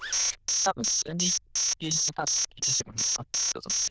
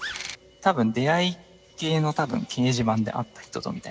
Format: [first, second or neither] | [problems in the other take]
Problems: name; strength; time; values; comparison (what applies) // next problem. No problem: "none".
second | noise reduction (neural diffusion model UNIVERSE++)